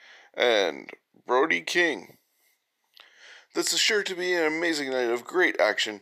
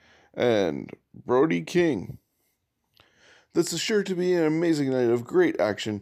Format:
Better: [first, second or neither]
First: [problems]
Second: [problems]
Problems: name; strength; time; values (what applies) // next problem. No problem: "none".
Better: second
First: thin; somewhat; fading below 600 Hz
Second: none